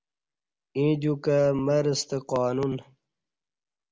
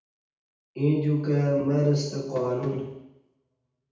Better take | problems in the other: first | room echo; dies away in 0.8 s

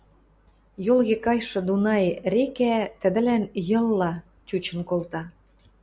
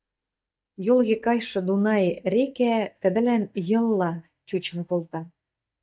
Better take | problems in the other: first | noise reduction (neural mask model DeepFilterNet 3)

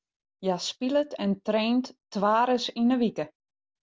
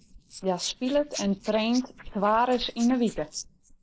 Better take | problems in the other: first | noise reduction (neural mask model Resemble Enhance denoiser)

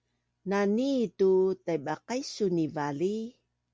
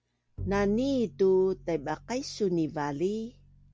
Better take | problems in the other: first | background sound (Bowed string instrument); 16 dB below the speech

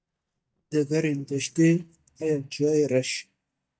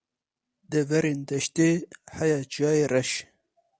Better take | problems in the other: second | noise reduction (neural mask model DeepFilterNet 3)

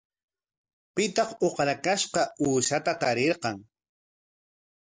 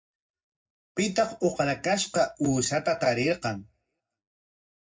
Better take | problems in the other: first | room echo; dies away in 0.4 s

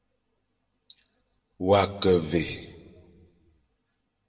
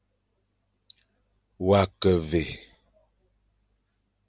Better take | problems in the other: second | room echo; dies away in 0.9 s

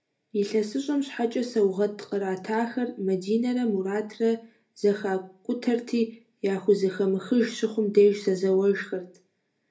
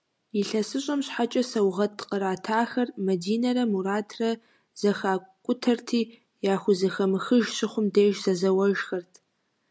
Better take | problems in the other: second | room echo; dies away in 0.3 s

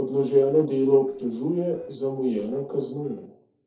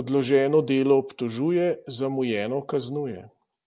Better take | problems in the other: second | noise reduction (neural separator model SepFormer DNS4)

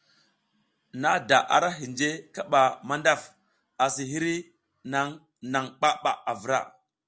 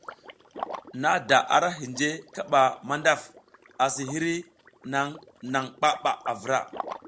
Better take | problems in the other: first | background sound (Liquid); 16 dB below the speech

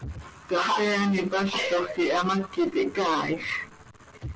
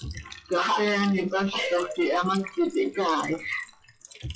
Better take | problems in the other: first | noise reduction (classical method log-MMSE)

